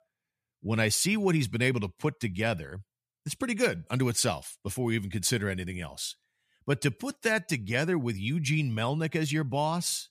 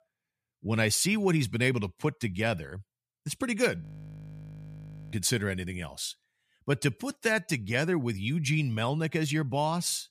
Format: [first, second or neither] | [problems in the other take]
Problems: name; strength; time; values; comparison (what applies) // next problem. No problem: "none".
first | audio freezing; at 4 s for 1.5 s